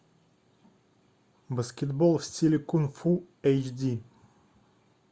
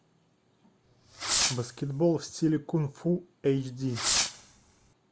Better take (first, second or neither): first